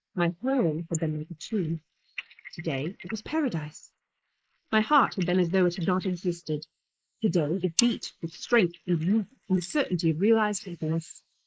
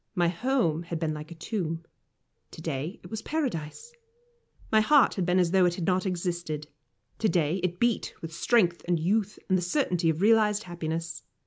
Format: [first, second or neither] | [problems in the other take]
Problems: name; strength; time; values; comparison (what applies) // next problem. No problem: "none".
second | noise reduction (neural mask model Resemble Enhance denoiser)